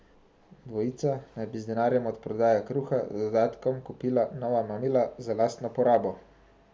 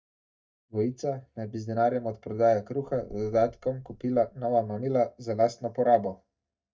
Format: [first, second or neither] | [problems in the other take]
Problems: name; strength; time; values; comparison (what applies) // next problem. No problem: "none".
first | noise reduction (neural mask model DeepFilterNet 3)